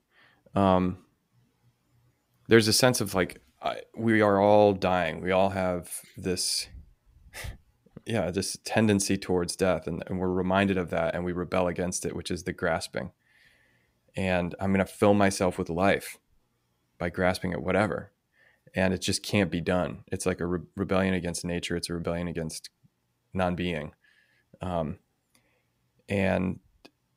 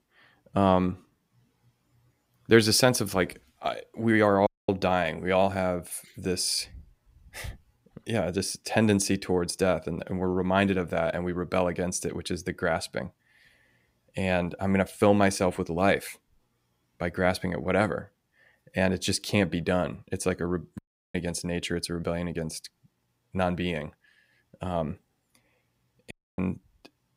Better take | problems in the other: first | audio cutting out; at 4.5 s, at 21 s and at 26 s

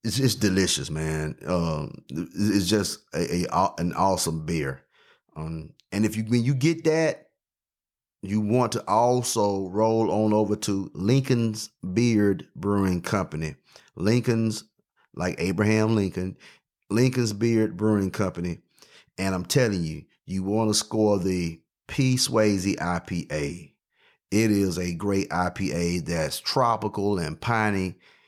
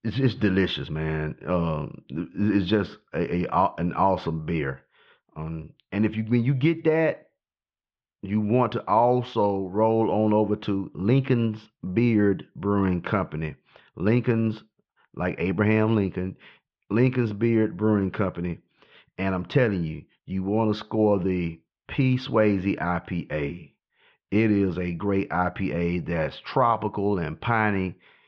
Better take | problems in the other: first | muffled; very; fading above 3.5 kHz

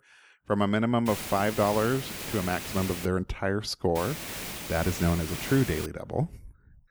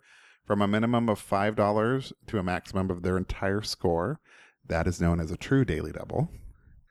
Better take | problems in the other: second | hiss; loud; from 1 to 3 s and from 4 to 6 s; 8 dB below the speech

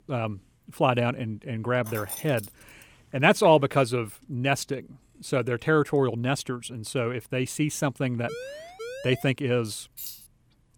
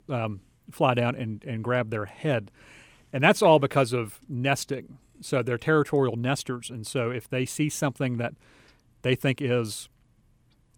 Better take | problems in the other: second | jangling keys; noticeable; at 2 s; peak 10 dB below the speech // siren; faint; from 8.5 to 9.5 s; peak 10 dB below the speech // jangling keys; faint; at 10 s; peak 10 dB below the speech

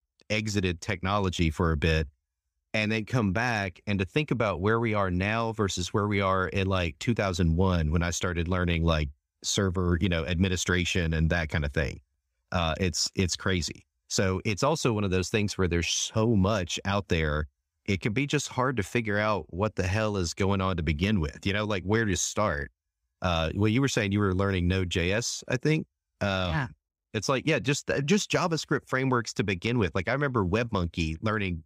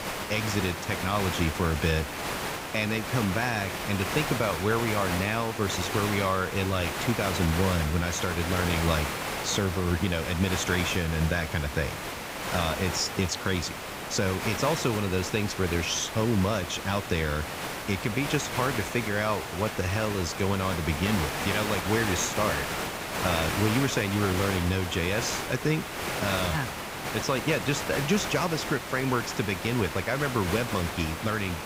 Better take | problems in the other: first | hiss; loud; throughout; 4 dB below the speech

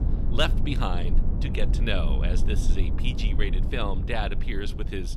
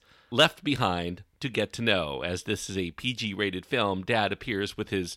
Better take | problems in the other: second | low rumble; loud; throughout; 10 dB below the speech

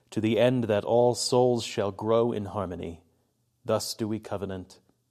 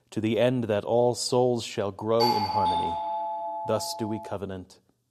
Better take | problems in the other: first | doorbell; loud; from 2 to 4.5 s; peak 2 dB above the speech

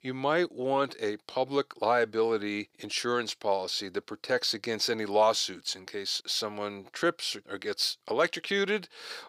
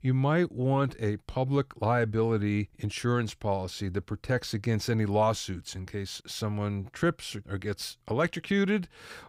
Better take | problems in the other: second | thin; somewhat; fading below 450 Hz

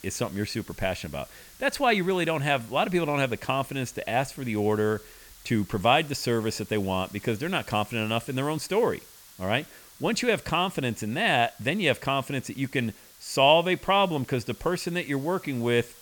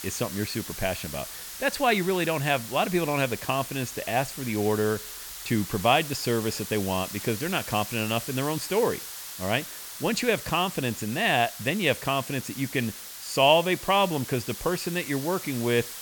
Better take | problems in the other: first | hiss; loud; throughout; 10 dB below the speech; faint in the first

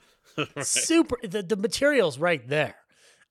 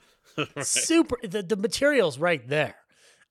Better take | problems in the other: neither | none

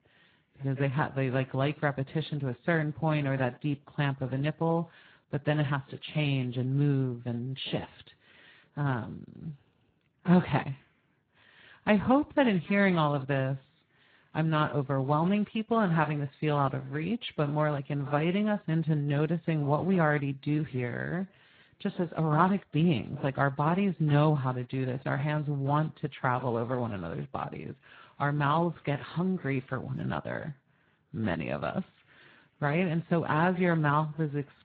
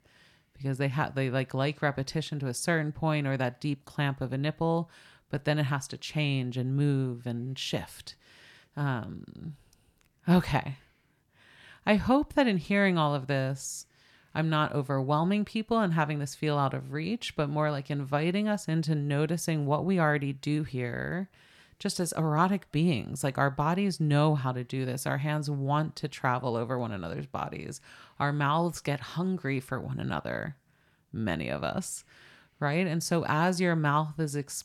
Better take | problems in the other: second | garbled, watery; badly; nothing above 4 kHz

